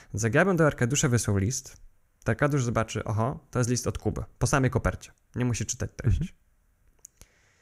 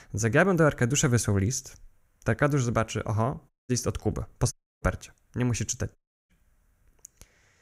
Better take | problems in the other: first | audio cutting out; at 3.5 s, at 4.5 s and at 6 s

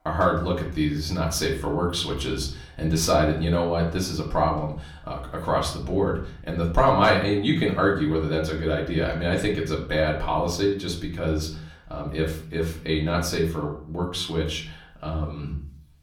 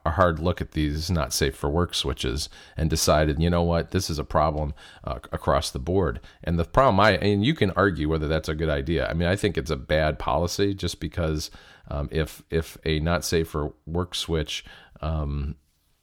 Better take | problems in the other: second | room echo; slight; dies away in 0.5 s // off-mic speech; far

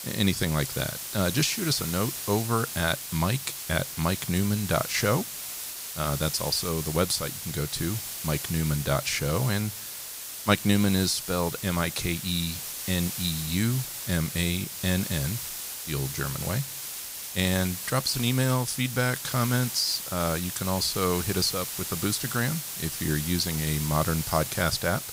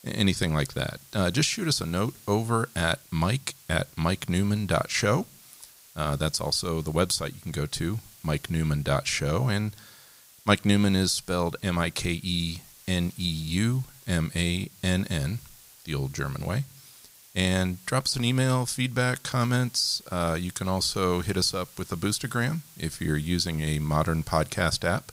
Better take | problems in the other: second | hiss; loud; throughout; 5 dB below the speech; faint in the second

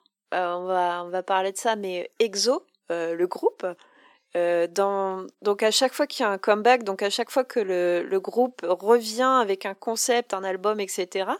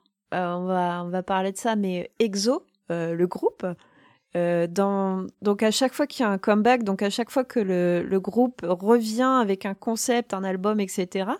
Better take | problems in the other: second | thin; somewhat; fading below 350 Hz

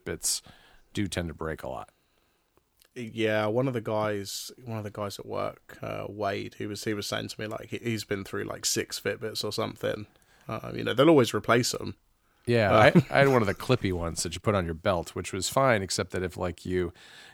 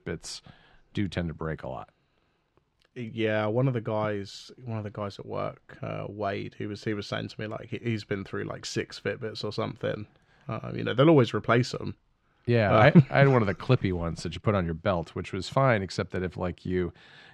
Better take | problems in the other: first | muffled; very slightly; fading above 3.5 kHz

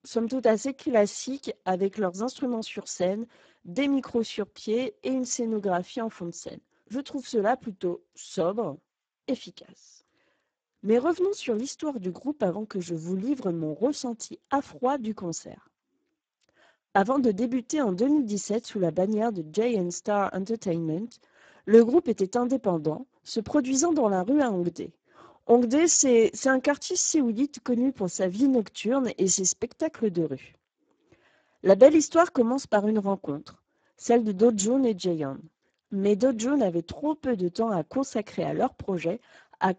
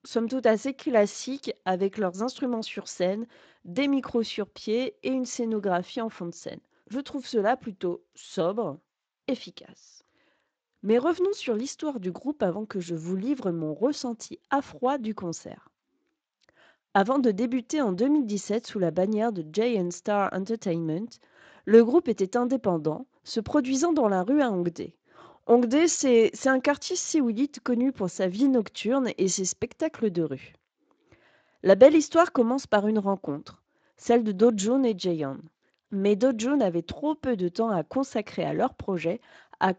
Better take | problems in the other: second | garbled, watery; badly; nothing above 7.5 kHz; slightly in the second

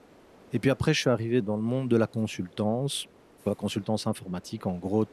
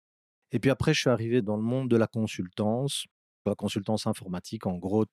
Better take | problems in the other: second | hiss; faint; throughout; 25 dB below the speech

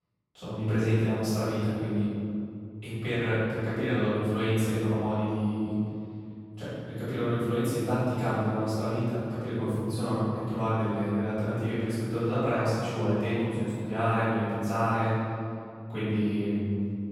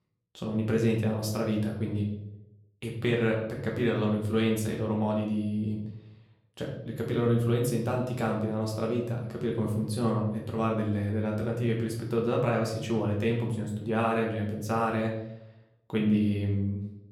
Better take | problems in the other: second | room echo; strong; dies away in 2.2 s; slight in the second // off-mic speech; far; far in the second

